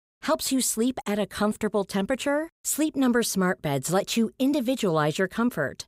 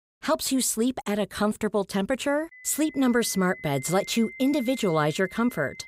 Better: first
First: none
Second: high-pitched whine; noticeable; from 2.5 s on; 2 kHz, 15 dB below the speech

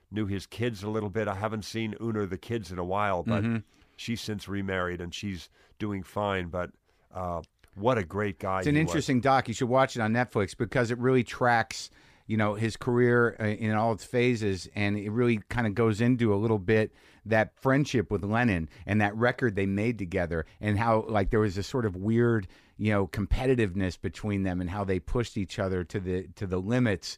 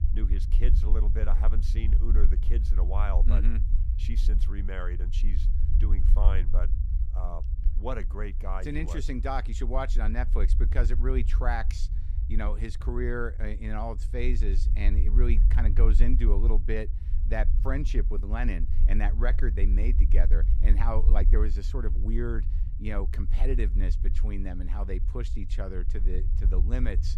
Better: first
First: none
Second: low rumble; noticeable; throughout; 10 dB below the speech

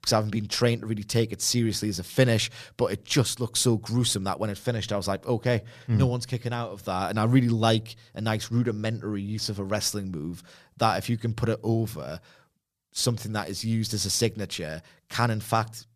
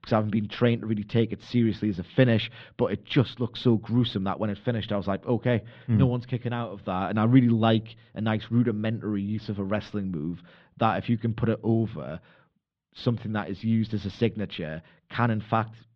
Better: first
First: none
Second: muffled; very; fading above 3.5 kHz

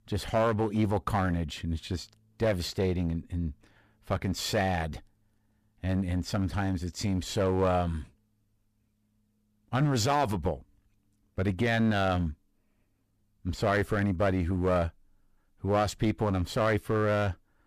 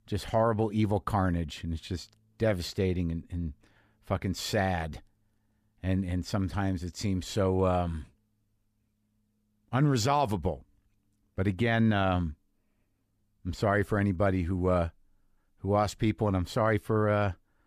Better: second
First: distortion; slight; 5% of the sound clipped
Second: none

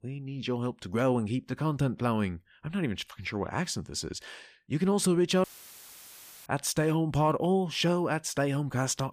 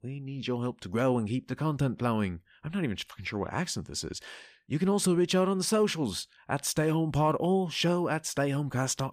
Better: second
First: audio cutting out; filled with static; at 5.5 s for 1 s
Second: none

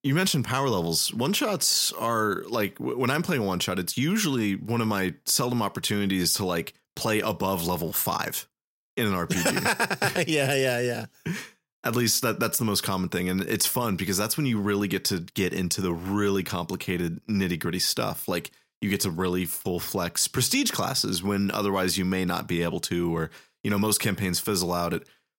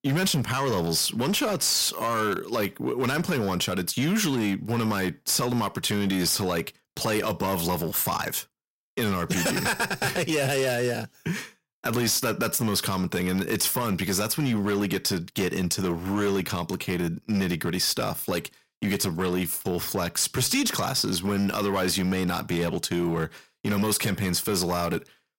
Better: first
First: none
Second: distortion; slight; 9% of the sound clipped

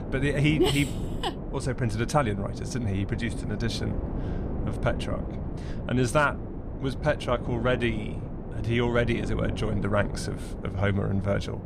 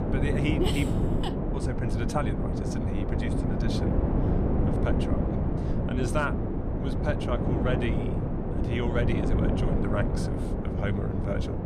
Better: first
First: wind noise on the microphone; occasional gusts; 10 dB below the speech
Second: wind noise on the microphone; heavy; as loud as the speech

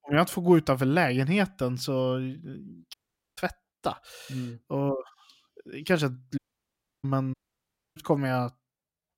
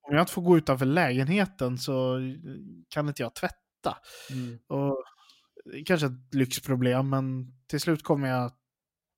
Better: second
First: audio cutting out; at 3 s, at 6.5 s for 0.5 s and at 7.5 s for 0.5 s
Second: none

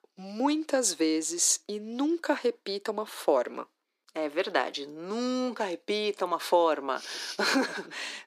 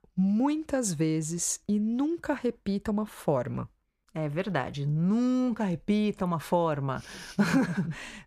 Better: second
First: thin; somewhat; fading below 300 Hz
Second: none

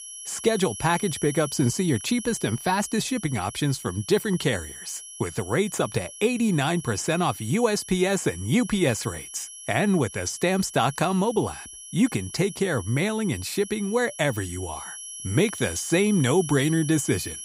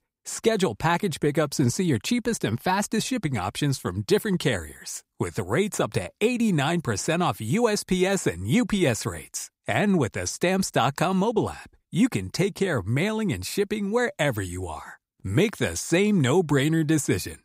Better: second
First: high-pitched whine; noticeable; throughout; 11 kHz, 10 dB below the speech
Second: none

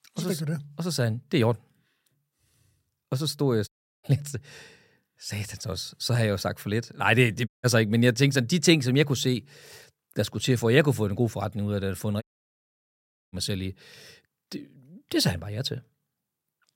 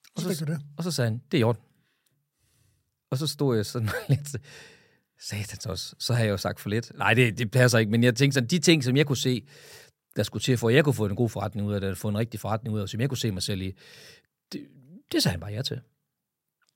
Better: second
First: audio cutting out; at 3.5 s, at 7.5 s and at 12 s for 1 s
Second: none

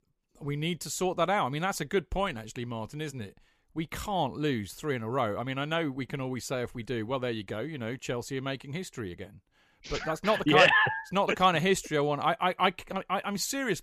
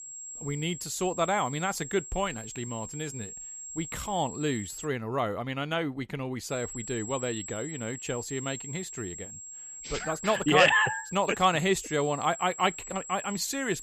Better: first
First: none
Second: high-pitched whine; noticeable; until 5 s and from 6.5 s on; 7.5 kHz, 10 dB below the speech

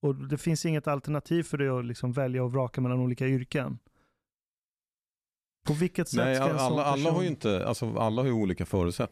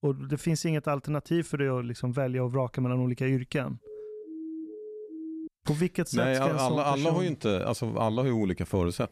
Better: first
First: none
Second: siren; faint; from 4 to 5.5 s; peak 10 dB below the speech

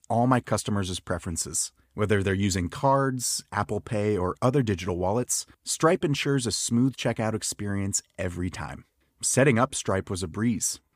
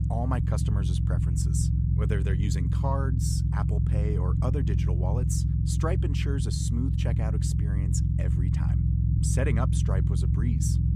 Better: first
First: none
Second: low rumble; loud; throughout; 2 dB below the speech

